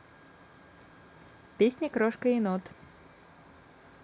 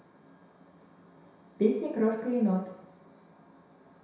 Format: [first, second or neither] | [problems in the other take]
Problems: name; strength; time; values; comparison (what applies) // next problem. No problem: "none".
first | room echo; dies away in 0.7 s